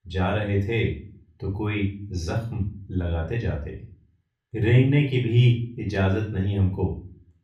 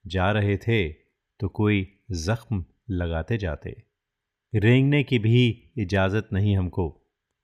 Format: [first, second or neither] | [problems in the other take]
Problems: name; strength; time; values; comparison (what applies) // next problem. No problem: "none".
second | off-mic speech; somewhat distant // room echo; slight; dies away in 0.4 s